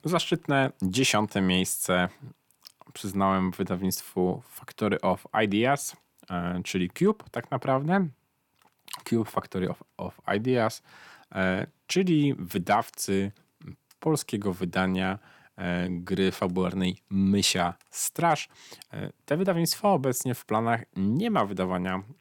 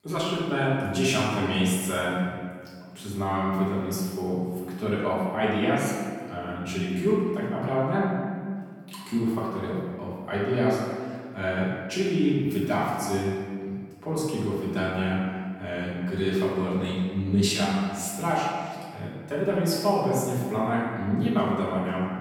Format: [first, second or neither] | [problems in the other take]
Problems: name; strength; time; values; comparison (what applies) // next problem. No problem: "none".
first | off-mic speech; far // room echo; strong; dies away in 1.7 s